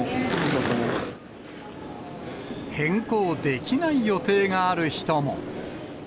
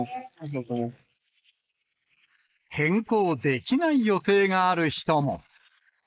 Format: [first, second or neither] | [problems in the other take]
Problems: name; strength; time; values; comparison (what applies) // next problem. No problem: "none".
first | noise reduction (neural mask model Resemble Enhance denoiser)